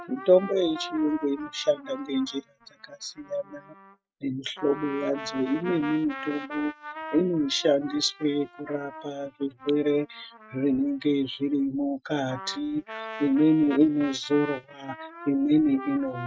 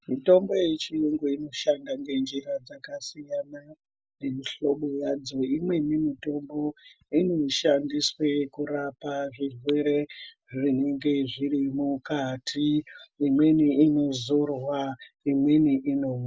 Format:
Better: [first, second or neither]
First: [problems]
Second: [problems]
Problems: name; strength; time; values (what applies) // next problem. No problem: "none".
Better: second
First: noise reduction (neural mask model RNNoise)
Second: none